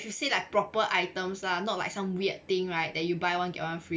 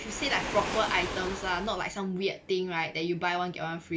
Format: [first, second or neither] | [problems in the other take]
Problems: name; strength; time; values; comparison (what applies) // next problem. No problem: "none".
first | background sound (Waves, surf); 8 dB below the speech